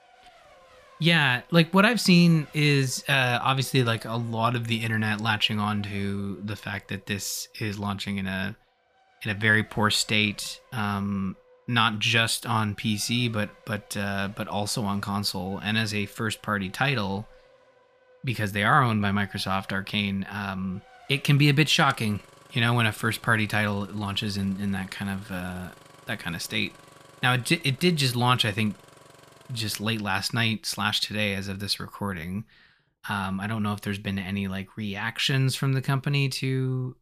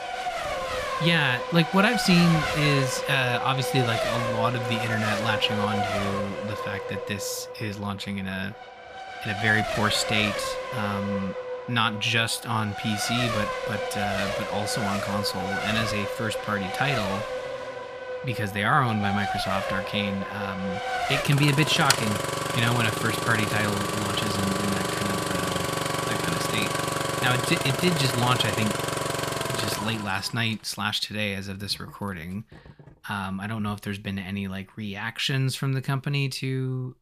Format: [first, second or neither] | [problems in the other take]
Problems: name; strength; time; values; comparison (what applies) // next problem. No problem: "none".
first | traffic noise; loud; throughout; 2 dB below the speech; faint in the first